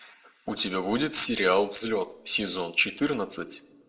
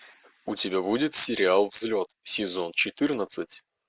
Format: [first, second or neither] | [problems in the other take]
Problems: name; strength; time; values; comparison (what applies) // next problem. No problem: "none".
second | room echo; dies away in 0.4 s